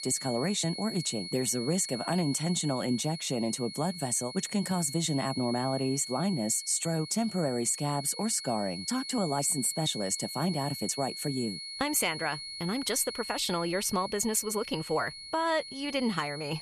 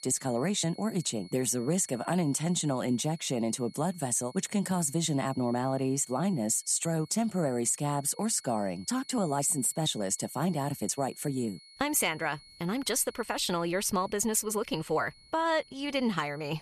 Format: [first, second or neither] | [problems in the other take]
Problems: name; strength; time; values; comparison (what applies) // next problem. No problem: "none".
second | high-pitched whine; loud; throughout; 4.5 kHz, 9 dB below the speech; faint in the second